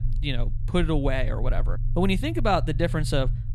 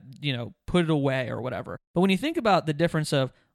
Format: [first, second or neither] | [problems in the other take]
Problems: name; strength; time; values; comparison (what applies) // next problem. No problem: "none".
second | low rumble; noticeable; throughout; 20 dB below the speech